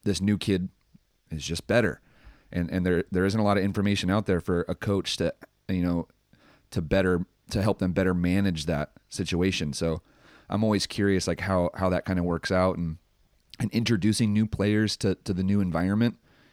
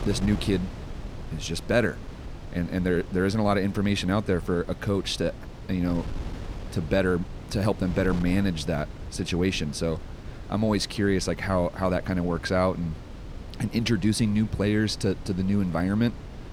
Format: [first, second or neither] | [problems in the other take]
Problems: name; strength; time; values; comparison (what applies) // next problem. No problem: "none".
first | wind noise on the microphone; occasional gusts; 15 dB below the speech